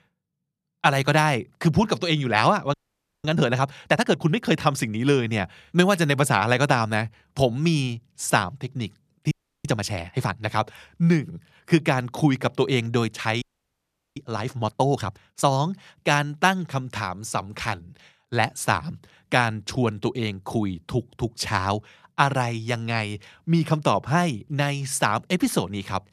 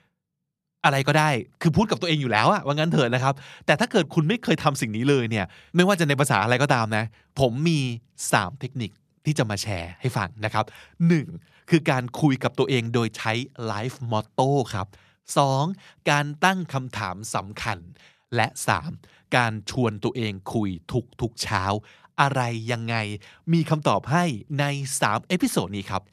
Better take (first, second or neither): second